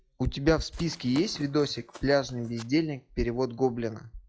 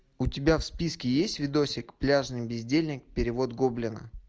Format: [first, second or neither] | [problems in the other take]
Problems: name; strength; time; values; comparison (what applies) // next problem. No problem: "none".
second | noise reduction (classical method log-MMSE)